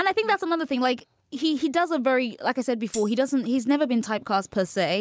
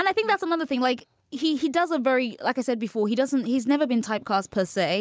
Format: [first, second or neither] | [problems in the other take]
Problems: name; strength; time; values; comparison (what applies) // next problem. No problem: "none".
second | background sound (Tambourine); 16 dB below the speech